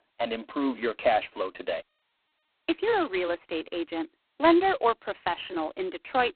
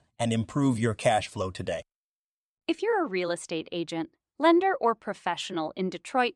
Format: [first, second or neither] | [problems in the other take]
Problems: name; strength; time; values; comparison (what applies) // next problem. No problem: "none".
second | phone-call audio; poor line; nothing above 4 kHz